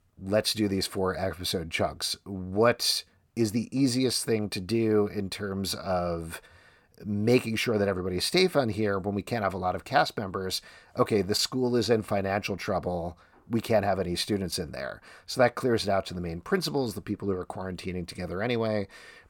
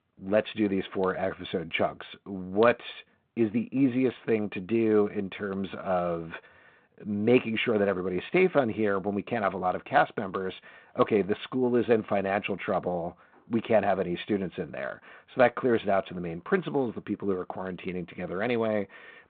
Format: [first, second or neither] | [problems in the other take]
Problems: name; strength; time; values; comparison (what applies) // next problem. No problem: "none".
first | phone-call audio; nothing above 3.5 kHz